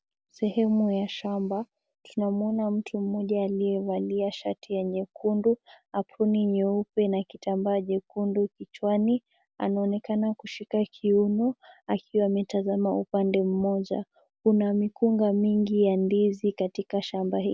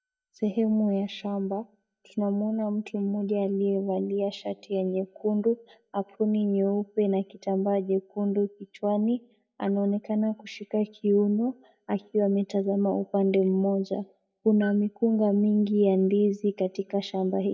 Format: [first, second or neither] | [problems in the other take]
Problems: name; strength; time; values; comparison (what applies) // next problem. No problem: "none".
first | noise reduction (neural mask model DeepFilterNet 3)